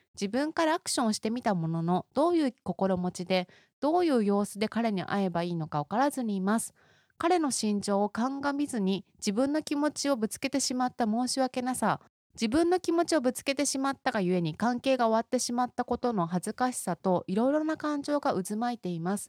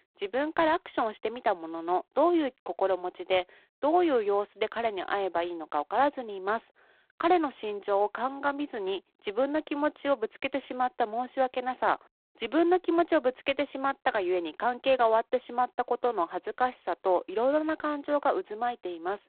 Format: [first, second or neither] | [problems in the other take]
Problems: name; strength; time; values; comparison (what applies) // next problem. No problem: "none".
first | phone-call audio; poor line; nothing above 3.5 kHz